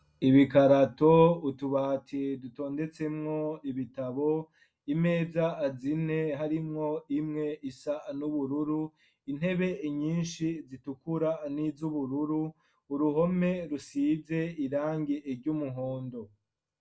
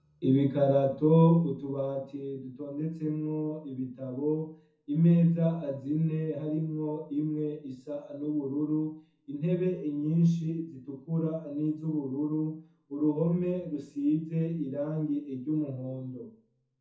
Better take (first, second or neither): first